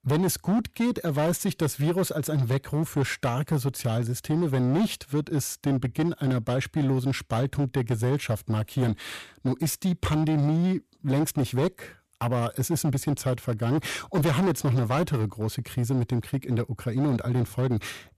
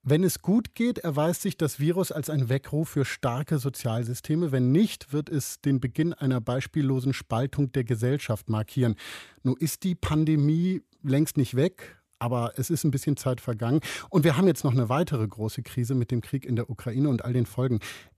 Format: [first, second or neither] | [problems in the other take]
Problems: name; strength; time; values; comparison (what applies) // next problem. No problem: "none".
second | distortion; slight; 13% of the sound clipped